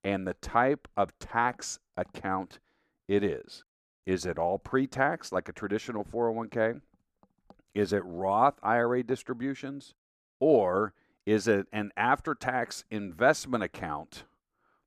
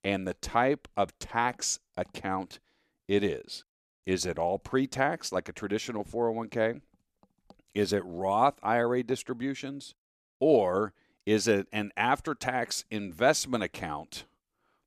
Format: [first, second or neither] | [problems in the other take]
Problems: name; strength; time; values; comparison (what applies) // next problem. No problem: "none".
second | muffled; very slightly; fading above 1.5 kHz